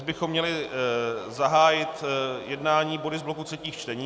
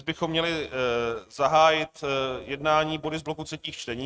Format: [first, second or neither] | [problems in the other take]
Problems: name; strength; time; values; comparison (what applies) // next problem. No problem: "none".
first | noise reduction (neural mask model RNNoise)